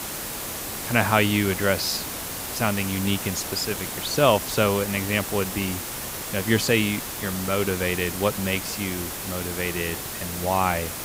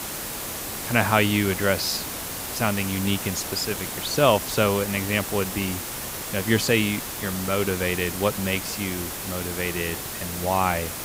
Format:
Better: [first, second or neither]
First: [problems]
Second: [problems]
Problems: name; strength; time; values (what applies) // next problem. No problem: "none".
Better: neither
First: hiss; loud; throughout; 5 dB below the speech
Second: hiss; loud; throughout; 5 dB below the speech